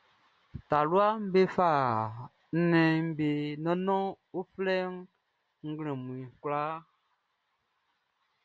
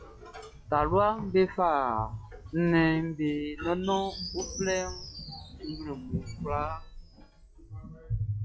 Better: first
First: none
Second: noise reduction (classical method log-MMSE)

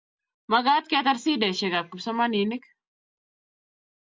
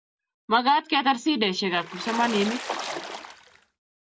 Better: first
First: none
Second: background sound (Water / Splash, splatter); 8 dB below the speech

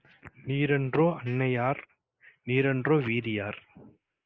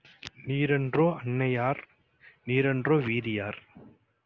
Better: second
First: noise reduction (neural mask model Resemble Enhance denoiser)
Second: none

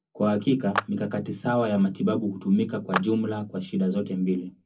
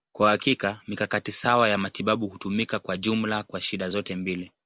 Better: second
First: background sound (Clapping); 10 dB below the speech // room echo; dies away in 0.3 s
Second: none

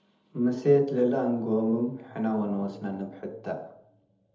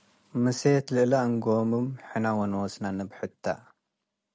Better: second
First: room echo; dies away in 0.9 s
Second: none

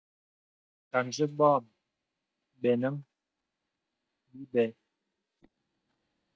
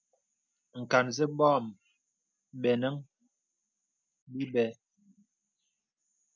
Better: second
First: noise reduction (neural mask model DeepFilterNet 3)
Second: none

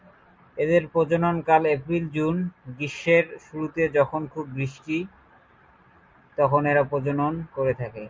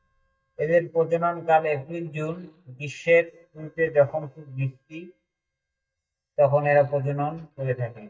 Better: first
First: none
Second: noise reduction (neural mask model DeepFilterNet 3)

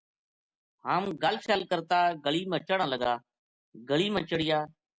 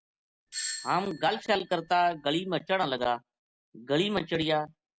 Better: first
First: none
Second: background sound (Doorbell); 12 dB below the speech

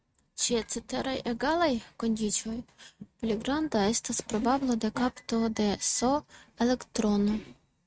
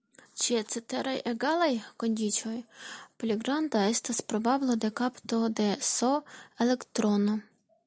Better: second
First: noise reduction (neural mask model RNNoise)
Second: none

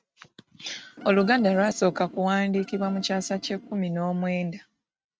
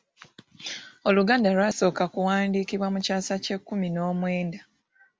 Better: second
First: noise reduction (neural mask model RNNoise)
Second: none

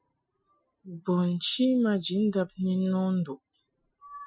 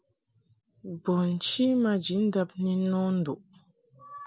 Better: second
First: noise reduction (classical method Wiener filter)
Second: none

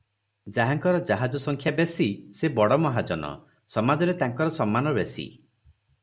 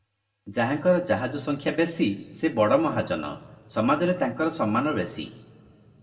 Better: first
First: none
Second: room echo; dies away in 1.2 s

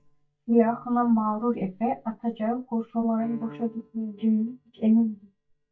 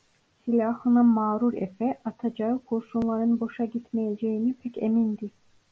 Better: second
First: noise reduction (neural mask model DeepFilterNet 3)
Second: none

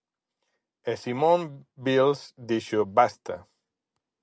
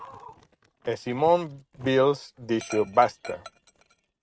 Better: first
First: none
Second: noise reduction (neural mask model RNNoise)

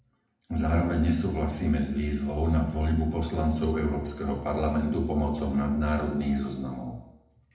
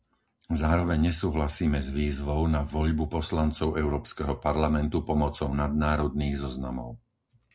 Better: second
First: room echo; dies away in 0.8 s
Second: none

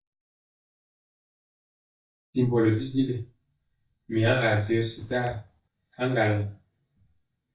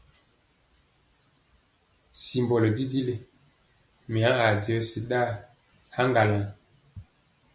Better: second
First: noise reduction (neural mask model DeepFilterNet 3)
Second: none

